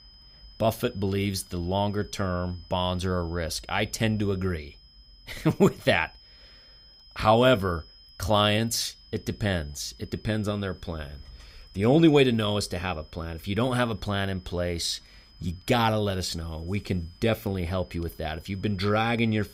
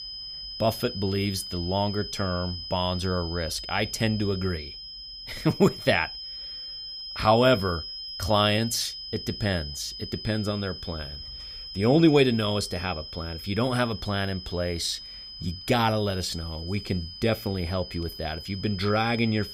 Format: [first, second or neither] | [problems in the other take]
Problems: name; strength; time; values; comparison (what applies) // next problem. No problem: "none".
first | high-pitched whine; loud; throughout; 5 kHz, 9 dB below the speech; faint in the first